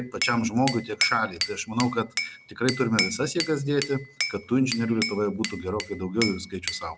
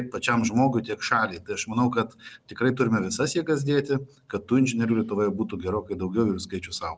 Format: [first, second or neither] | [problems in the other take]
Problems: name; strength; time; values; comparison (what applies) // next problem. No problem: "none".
second | background sound (Glass / Bell); 6 dB below the speech